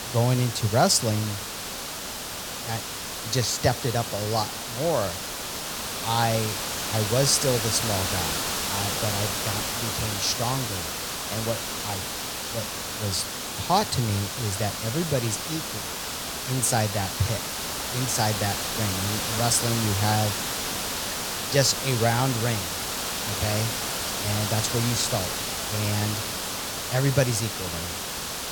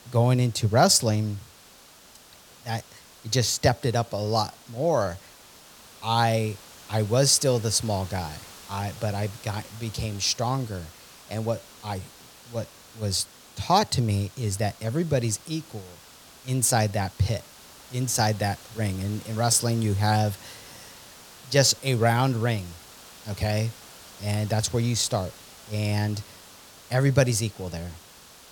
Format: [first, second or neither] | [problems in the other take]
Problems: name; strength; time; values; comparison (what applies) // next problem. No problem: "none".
second | hiss; loud; throughout; 2 dB below the speech; faint in the second